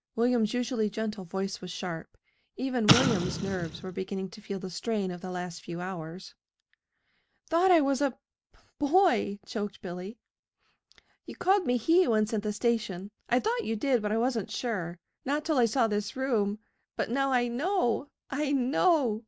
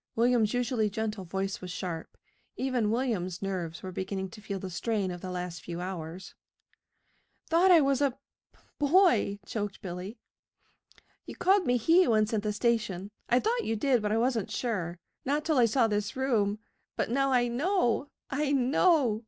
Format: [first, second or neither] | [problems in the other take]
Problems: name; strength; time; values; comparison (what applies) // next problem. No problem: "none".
second | background sound (Explosion); 1 dB below the speech